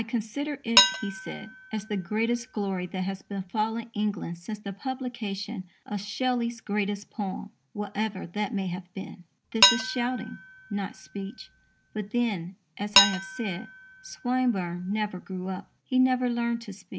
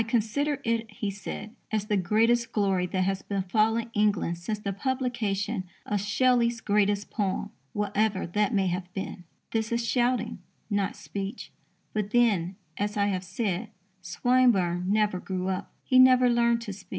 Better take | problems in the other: second | background sound (Dishes, pots, and pans); as loud as the speech

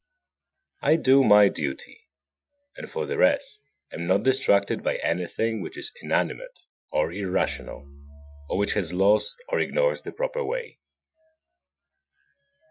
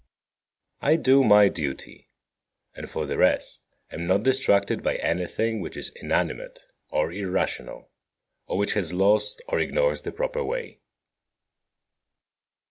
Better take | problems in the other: second | noise reduction (classical method Wiener filter)

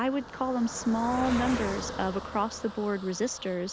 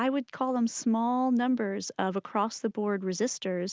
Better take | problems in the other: second | background sound (Car passing by); 9 dB below the speech

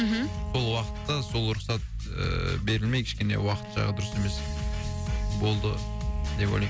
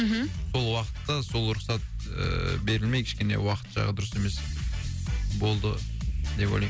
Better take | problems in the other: second | background sound (Wind instrument, woodwind instrument); 16 dB below the speech

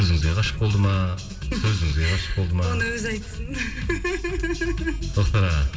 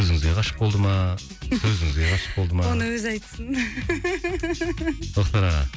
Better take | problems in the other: second | background sound (Zipper (clothing)); 19 dB below the speech // room echo; dies away in 2.4 s

